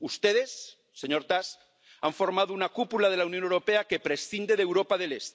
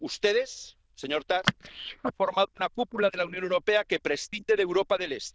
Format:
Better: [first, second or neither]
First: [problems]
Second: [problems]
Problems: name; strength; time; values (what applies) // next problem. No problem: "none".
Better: first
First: none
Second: noise reduction (neural diffusion model UNIVERSE++)